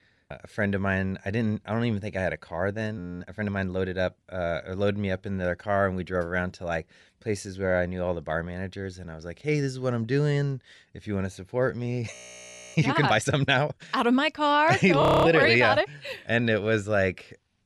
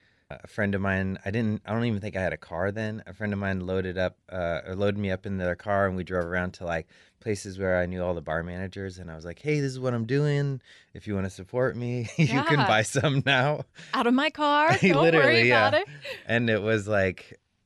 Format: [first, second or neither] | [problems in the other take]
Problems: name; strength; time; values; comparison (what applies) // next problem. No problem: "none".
second | audio freezing; at 3 s, at 12 s for 0.5 s and at 15 s